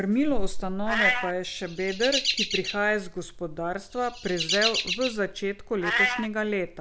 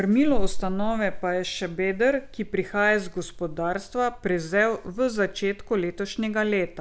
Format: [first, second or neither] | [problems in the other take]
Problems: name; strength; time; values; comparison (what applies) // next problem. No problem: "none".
second | background sound (Meow + Chirp, tweet); 3 dB below the speech